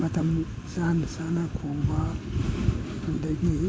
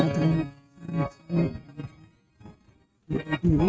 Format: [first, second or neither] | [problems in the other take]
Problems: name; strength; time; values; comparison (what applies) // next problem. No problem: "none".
first | noise reduction (neural mask model RNNoise)